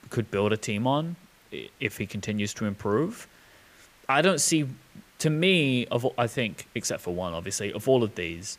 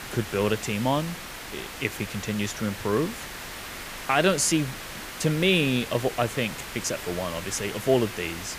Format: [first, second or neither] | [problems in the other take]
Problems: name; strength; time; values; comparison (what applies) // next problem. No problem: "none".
first | hiss; loud; throughout; 10 dB below the speech; faint in the first